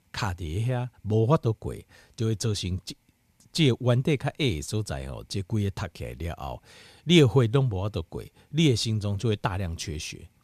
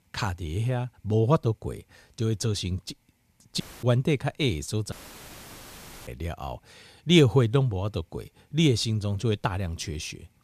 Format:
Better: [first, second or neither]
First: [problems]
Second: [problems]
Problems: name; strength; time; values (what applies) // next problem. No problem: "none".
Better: first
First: none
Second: audio cutting out; filled with static; at 3.5 s and at 5 s for 1 s